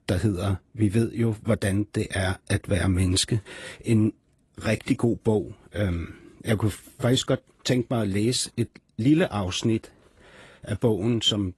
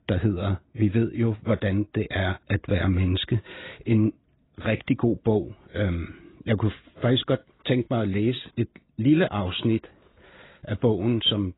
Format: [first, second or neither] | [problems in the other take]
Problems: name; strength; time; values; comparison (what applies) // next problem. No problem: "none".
first | garbled, watery; badly; nothing above 4 kHz; slightly in the first